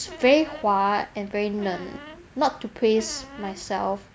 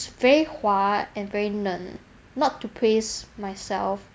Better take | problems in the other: second | background sound (Squeak); 19 dB below the speech

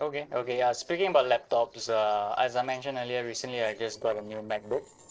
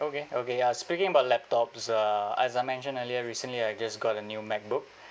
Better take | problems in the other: second | noise reduction (neural separator model SepFormer DNS4)

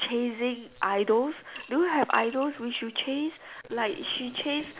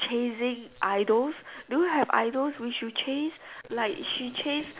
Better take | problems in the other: second | background sound (Coin (dropping) / Glass); 17 dB below the speech

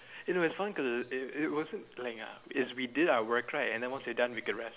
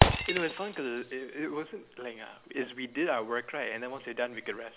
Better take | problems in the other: first | background sound (Shatter); 2 dB above the speech

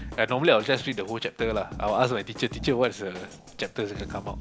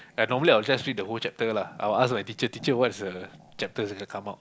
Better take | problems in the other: second | background sound (Drum kit); 14 dB below the speech

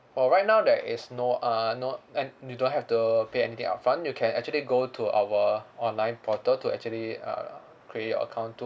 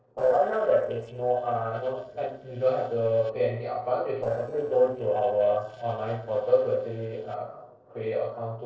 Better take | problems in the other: first | noise reduction (neural separator model SepFormer DNS4)

